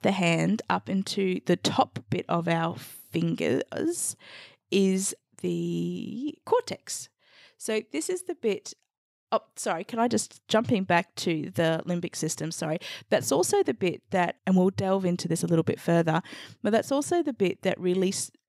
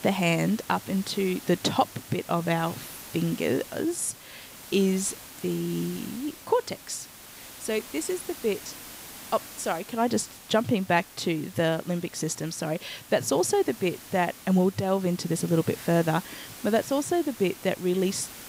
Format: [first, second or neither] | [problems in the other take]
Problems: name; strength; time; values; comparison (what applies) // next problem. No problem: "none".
first | hiss; noticeable; throughout; 15 dB below the speech